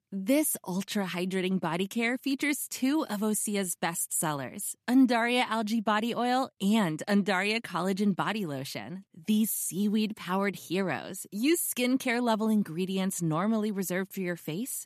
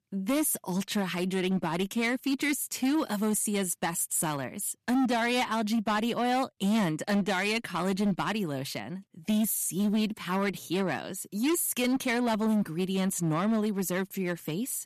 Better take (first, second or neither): first